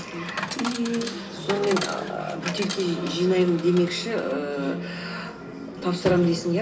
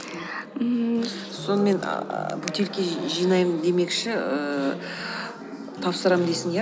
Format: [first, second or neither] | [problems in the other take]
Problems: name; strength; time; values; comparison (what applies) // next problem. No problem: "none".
second | background sound (Coin (dropping) / Chatter); 10 dB below the speech // room echo; dies away in 0.3 s